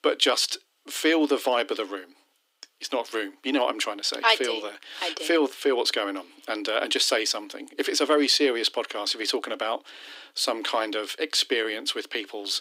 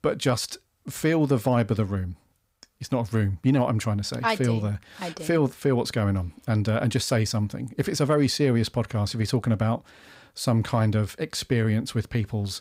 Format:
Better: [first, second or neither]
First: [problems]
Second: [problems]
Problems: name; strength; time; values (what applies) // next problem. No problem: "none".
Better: second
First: thin; somewhat; fading below 300 Hz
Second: none